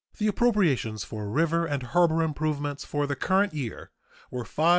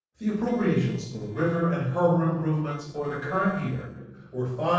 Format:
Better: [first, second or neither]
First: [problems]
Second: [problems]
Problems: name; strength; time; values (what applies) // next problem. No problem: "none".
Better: first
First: none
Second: noise reduction (neural separator model SepFormer DNS4)